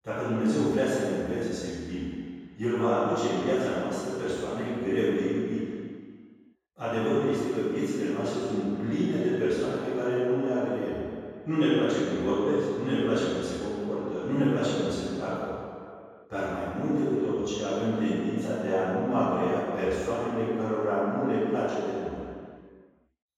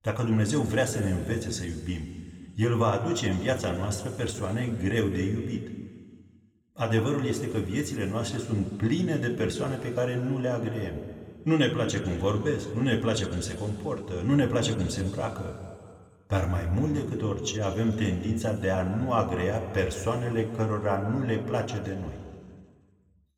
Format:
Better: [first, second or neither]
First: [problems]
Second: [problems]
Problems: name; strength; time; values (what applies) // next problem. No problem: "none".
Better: second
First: room echo; strong; dies away in 2.1 s // off-mic speech; far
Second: room echo; slight; dies away in 2.1 s